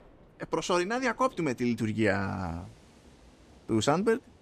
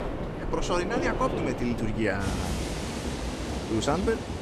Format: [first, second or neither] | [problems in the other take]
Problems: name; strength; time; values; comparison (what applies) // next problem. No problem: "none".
first | train or aircraft noise; loud; throughout; 3 dB below the speech; faint in the first